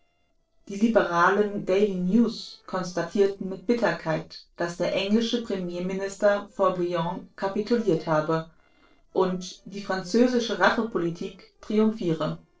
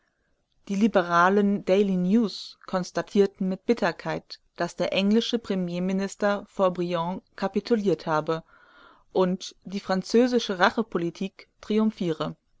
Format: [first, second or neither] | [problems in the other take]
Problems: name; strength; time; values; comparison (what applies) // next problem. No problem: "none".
second | noise reduction (neural separator model SepFormer DNS4)